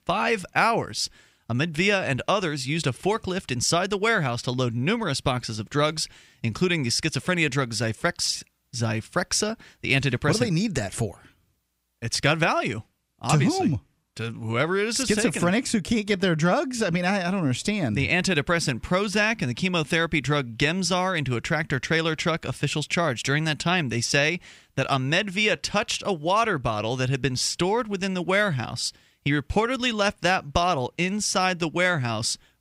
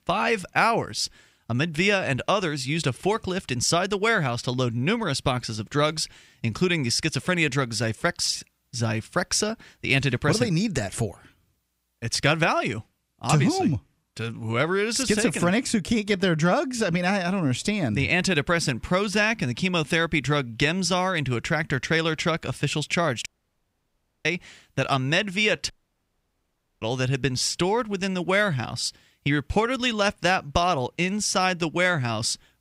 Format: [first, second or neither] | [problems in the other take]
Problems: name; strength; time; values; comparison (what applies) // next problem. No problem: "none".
first | audio cutting out; at 23 s for 1 s and at 26 s for 1 s